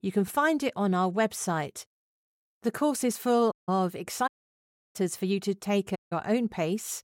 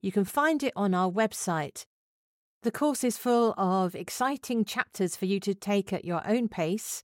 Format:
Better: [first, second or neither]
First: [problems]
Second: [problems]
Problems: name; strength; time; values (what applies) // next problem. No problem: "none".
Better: second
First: audio cutting out; at 3.5 s, at 4.5 s for 0.5 s and at 6 s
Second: none